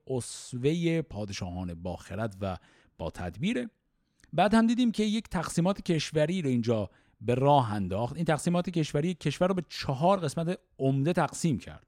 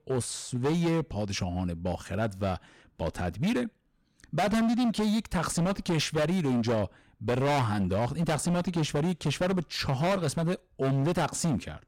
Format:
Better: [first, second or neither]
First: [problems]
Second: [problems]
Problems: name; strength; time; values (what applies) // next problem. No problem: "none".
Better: first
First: none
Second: distortion; heavy; 18% of the sound clipped